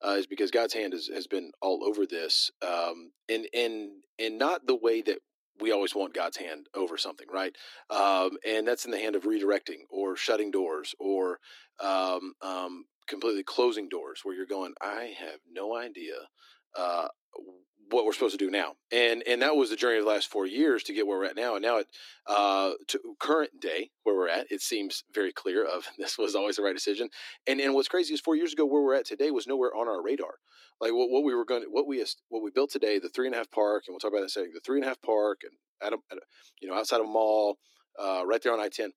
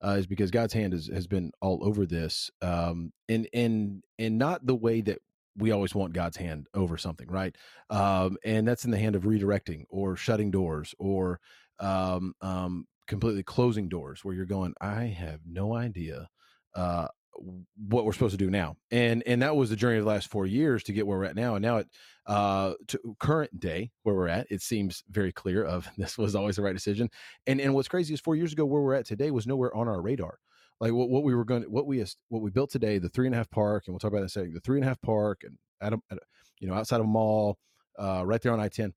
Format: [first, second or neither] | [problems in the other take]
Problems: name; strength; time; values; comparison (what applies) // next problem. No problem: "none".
second | thin; somewhat; fading below 300 Hz